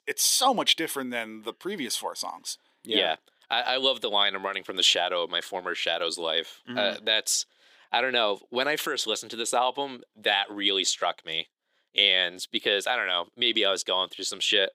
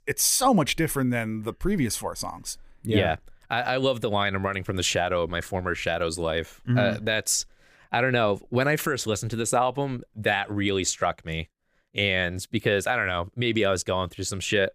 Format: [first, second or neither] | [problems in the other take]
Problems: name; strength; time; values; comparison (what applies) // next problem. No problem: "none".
second | thin; somewhat; fading below 300 Hz